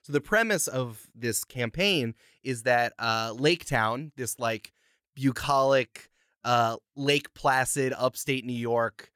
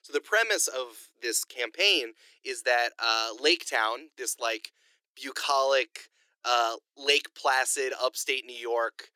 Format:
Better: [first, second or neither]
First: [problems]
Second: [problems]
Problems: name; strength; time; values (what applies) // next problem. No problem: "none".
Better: first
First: none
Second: thin; very; fading below 300 Hz